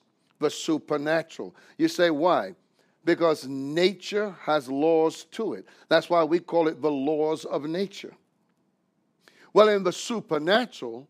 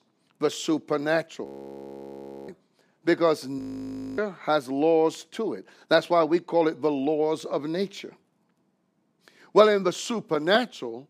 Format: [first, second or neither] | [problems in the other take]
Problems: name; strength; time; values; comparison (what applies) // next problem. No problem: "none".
first | audio freezing; at 1.5 s for 1 s and at 3.5 s for 0.5 s